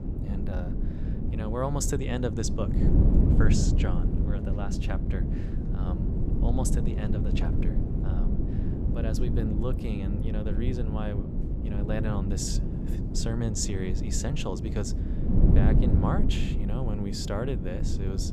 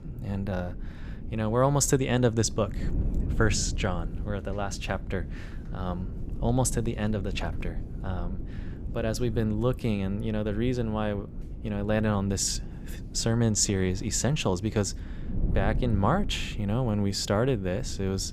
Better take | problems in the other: second | wind noise on the microphone; heavy; 2 dB below the speech; occasional gusts in the second

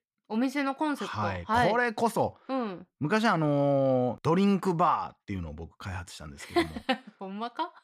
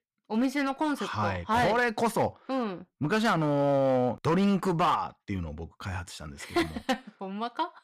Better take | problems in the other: first | distortion; slight; 6% of the sound clipped

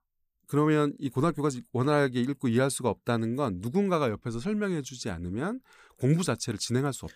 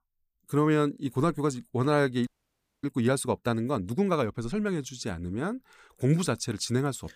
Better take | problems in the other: first | audio freezing; at 2.5 s for 0.5 s

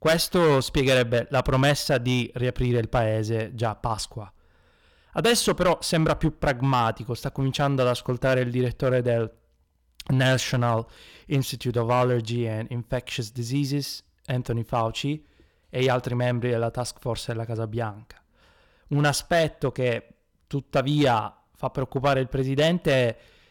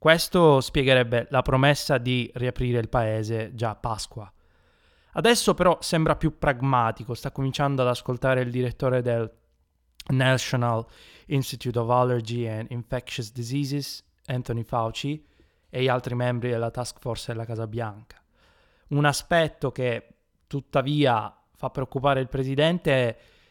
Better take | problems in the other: second | distortion; slight; 4% of the sound clipped

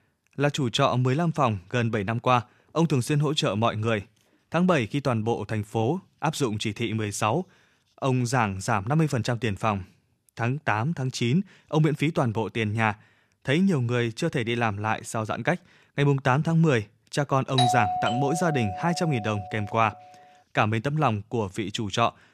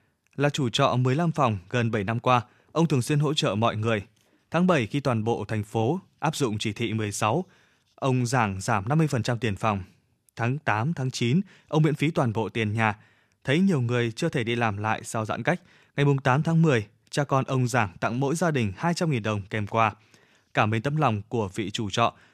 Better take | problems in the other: second | doorbell; loud; from 18 to 19 s; peak 2 dB above the speech

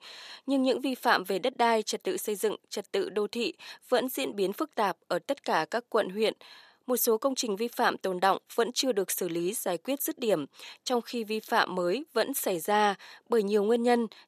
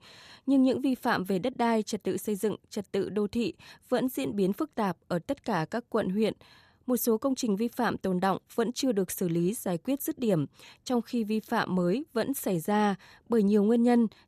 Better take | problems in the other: second | thin; somewhat; fading below 400 Hz

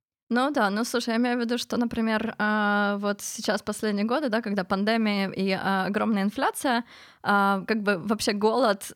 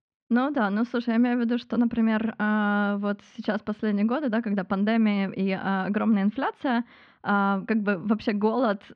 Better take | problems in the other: first | muffled; slightly; fading above 3.5 kHz

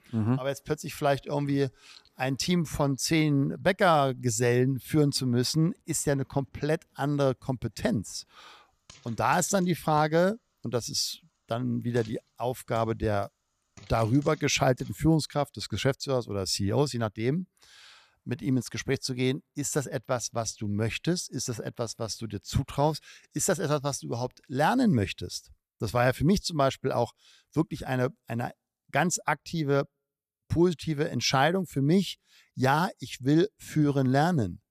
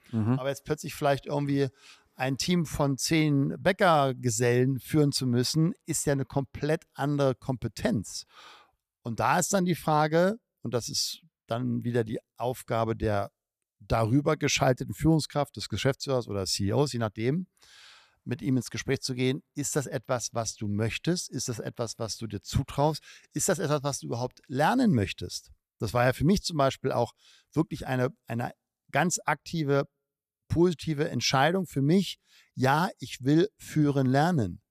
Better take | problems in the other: second | household noises; faint; until 15 s; 25 dB below the speech

